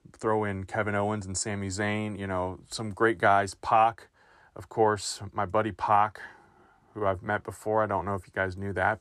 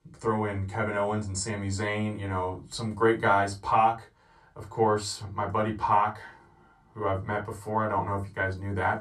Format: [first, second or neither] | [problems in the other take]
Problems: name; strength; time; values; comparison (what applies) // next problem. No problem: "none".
first | off-mic speech; somewhat distant // room echo; very slight; dies away in 0.2 s